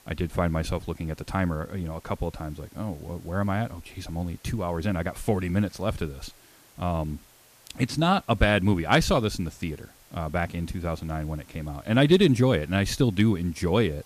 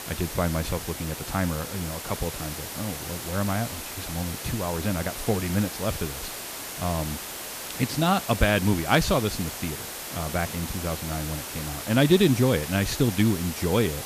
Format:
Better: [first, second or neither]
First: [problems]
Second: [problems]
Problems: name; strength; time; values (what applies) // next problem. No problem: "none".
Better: first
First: hiss; faint; throughout; 25 dB below the speech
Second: hiss; loud; throughout; 7 dB below the speech